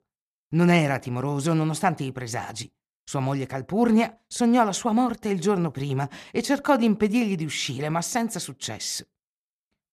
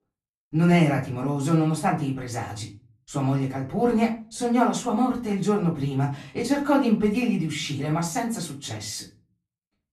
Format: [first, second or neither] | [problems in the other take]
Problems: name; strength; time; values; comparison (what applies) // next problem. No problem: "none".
first | room echo; slight; dies away in 0.3 s // off-mic speech; far